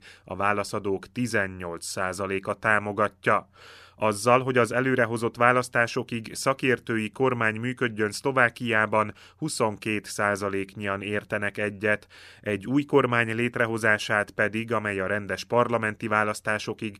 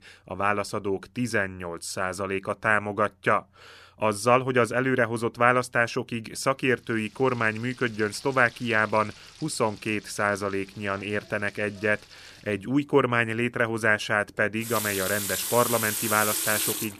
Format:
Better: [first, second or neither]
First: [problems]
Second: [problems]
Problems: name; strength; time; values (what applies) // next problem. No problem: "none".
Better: first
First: none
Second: household noises; loud; from 7 s on; 2 dB below the speech